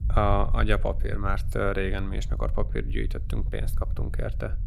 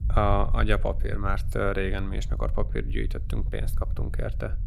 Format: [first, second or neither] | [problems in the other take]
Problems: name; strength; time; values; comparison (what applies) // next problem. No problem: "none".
neither | low rumble; noticeable; throughout; 20 dB below the speech; the same in both